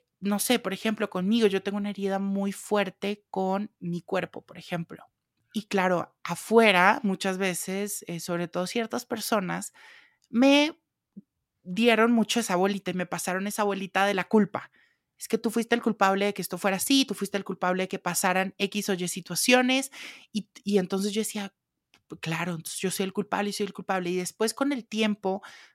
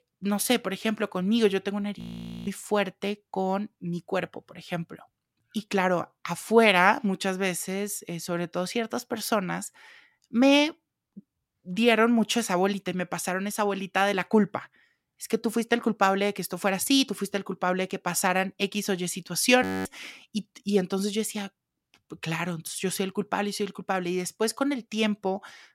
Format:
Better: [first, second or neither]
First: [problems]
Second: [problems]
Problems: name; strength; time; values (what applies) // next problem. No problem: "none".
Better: first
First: none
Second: audio freezing; at 2 s and at 20 s